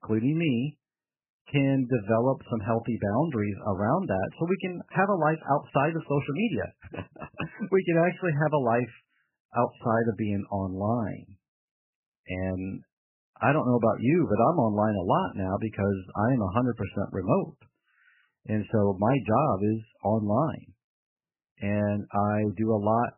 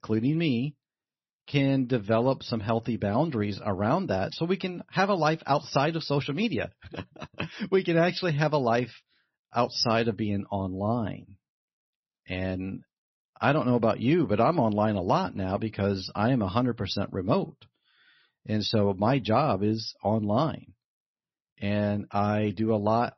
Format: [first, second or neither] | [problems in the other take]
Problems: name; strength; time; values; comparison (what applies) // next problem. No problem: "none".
second | garbled, watery; badly; nothing above 3 kHz; slightly in the second